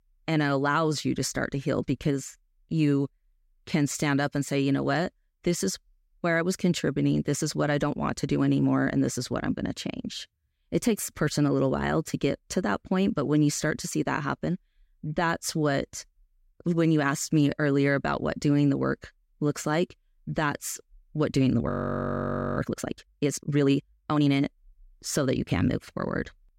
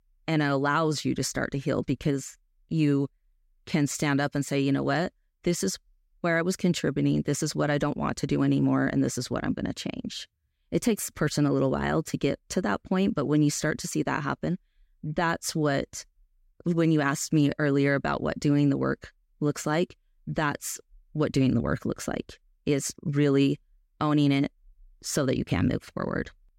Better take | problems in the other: second | audio freezing; at 22 s for 1 s

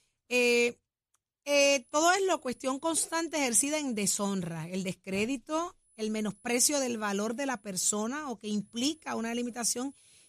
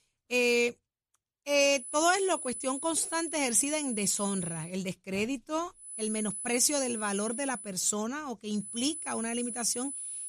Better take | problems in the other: first | high-pitched whine; loud; from 2 to 4.5 s, from 6 to 7.5 s and from 8.5 s on; 10 kHz, 7 dB below the speech; faint in the first

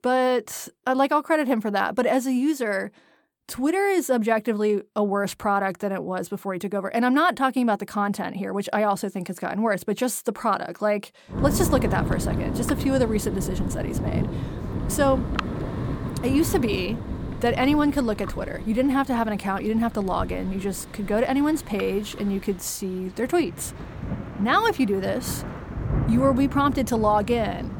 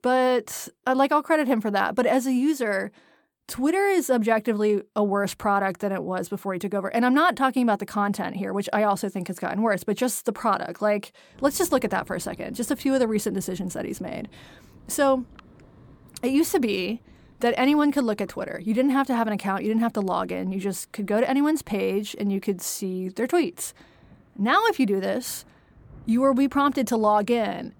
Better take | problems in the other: second | rain or running water; loud; from 11 s on; 7 dB below the speech; faint in the second

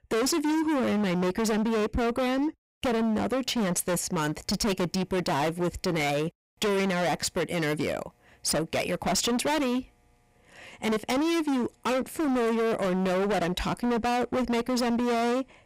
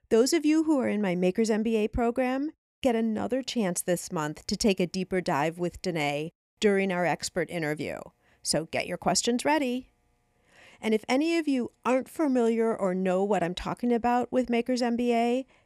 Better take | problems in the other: second | distortion; heavy; 34% of the sound clipped

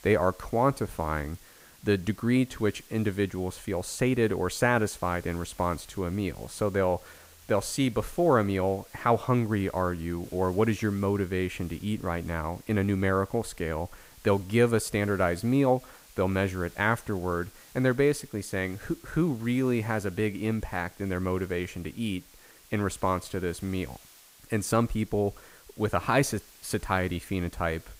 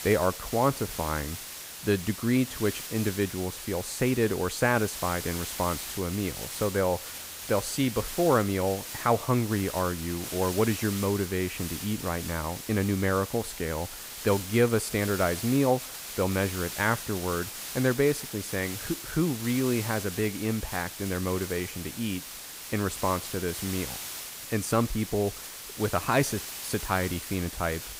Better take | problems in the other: first | hiss; loud; throughout; 8 dB below the speech; faint in the first

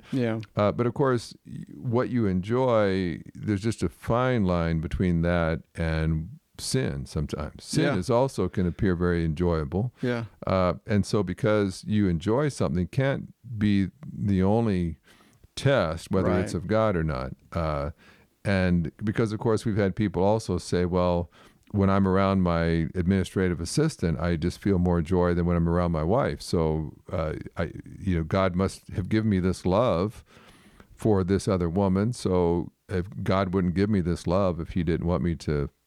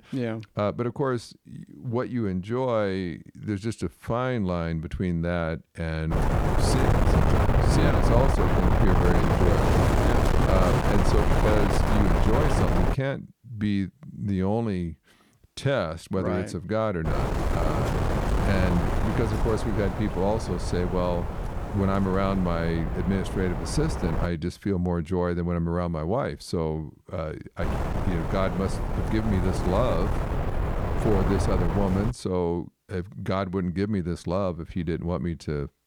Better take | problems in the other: first | wind noise on the microphone; heavy; from 6 to 13 s, from 17 to 24 s and from 28 to 32 s; 1 dB above the speech

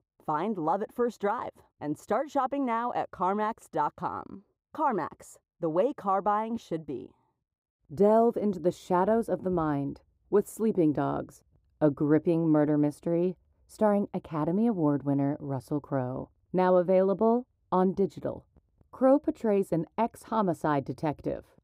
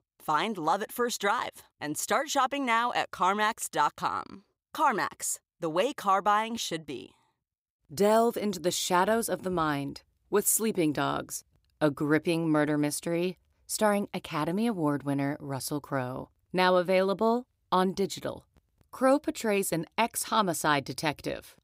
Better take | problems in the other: second | muffled; very; fading above 1.5 kHz

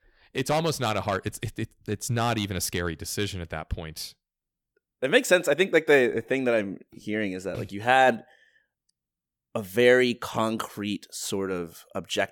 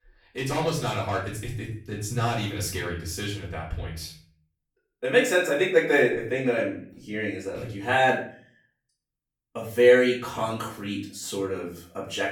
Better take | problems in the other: first | room echo; slight; dies away in 0.4 s // off-mic speech; far

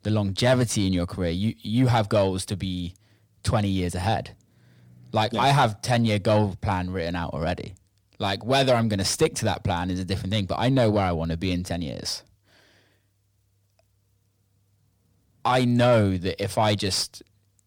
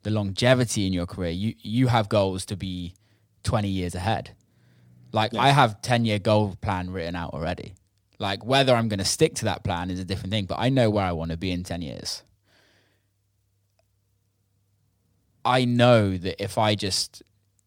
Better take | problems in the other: second | distortion; slight; 10 dB below the speech

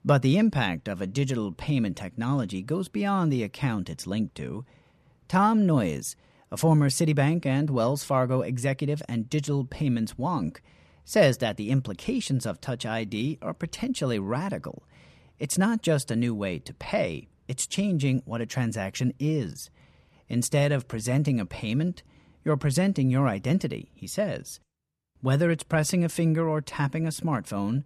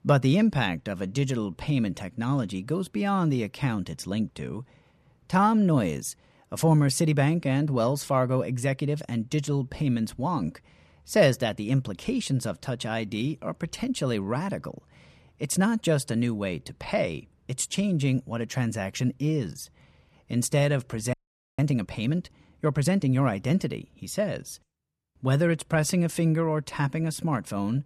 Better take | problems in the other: first | audio freezing; at 21 s

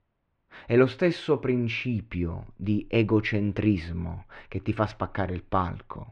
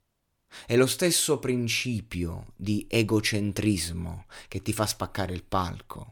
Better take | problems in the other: second | muffled; very; fading above 2.5 kHz

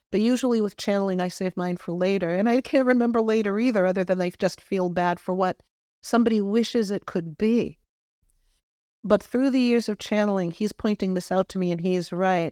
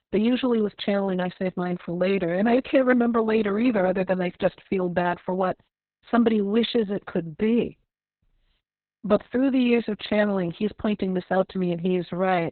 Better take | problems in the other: first | garbled, watery; badly; nothing above 4 kHz; slightly in the first

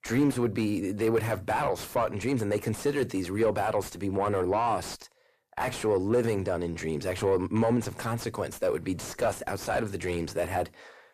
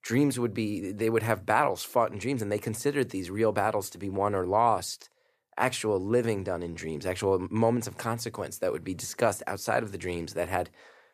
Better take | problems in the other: second | distortion; heavy; 7 dB below the speech

